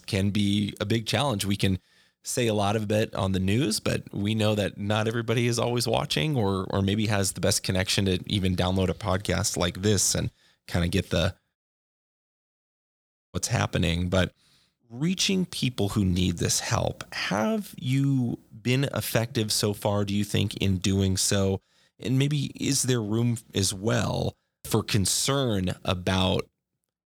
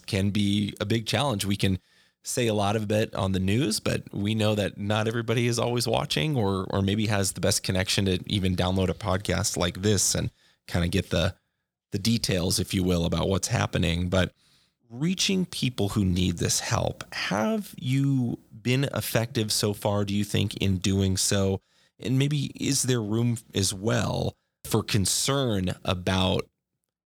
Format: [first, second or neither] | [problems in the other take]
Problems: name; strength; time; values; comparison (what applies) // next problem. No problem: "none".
second | audio cutting out; at 12 s for 2 s